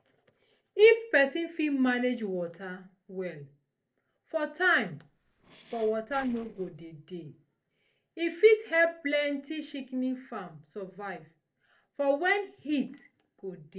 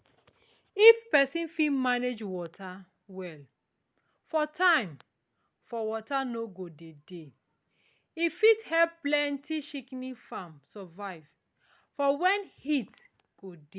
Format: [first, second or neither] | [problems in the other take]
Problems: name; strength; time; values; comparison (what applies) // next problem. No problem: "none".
second | noise reduction (neural separator model SepFormer DNS4)